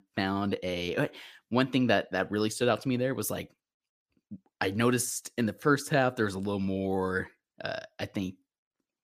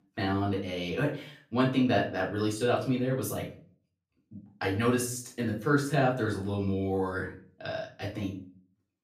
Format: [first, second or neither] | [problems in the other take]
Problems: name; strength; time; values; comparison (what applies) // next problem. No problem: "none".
first | off-mic speech; far // room echo; slight; dies away in 0.4 s